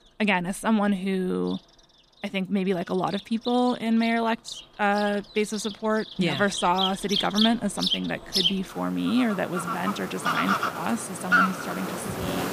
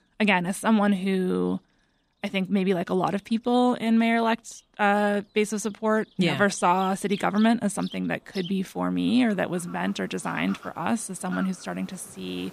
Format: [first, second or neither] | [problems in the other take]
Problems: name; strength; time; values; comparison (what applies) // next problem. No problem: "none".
second | animal sounds; loud; throughout; 2 dB below the speech; faint in the second